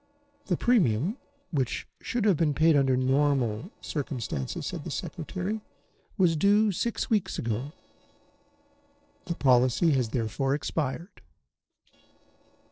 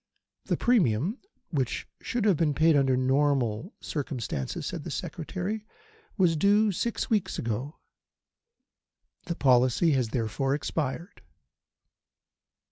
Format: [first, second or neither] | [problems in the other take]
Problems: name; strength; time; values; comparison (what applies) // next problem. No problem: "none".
second | noise reduction (neural separator model SepFormer DNS4)